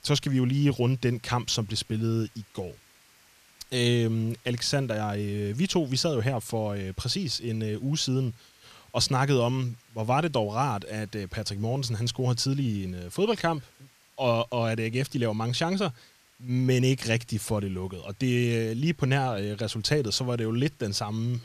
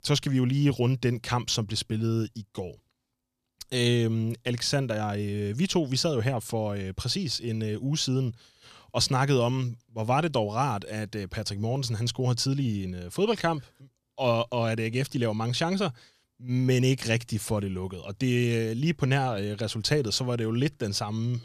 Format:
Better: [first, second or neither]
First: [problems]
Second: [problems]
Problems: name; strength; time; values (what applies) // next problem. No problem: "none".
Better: second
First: hiss; faint; throughout; 30 dB below the speech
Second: none